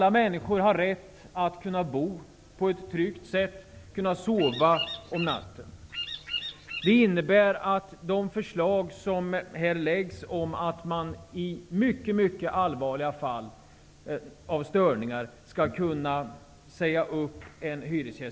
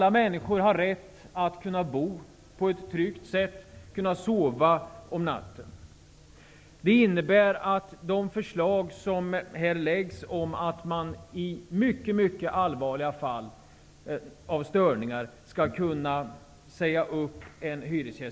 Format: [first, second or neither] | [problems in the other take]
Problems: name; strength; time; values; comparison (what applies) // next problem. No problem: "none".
second | background sound (Bird vocalization, bird call, bird song); 8 dB below the speech